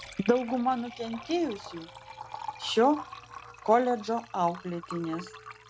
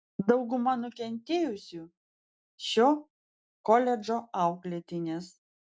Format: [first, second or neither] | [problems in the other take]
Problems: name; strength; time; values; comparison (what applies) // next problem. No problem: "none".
second | background sound (Liquid); 15 dB below the speech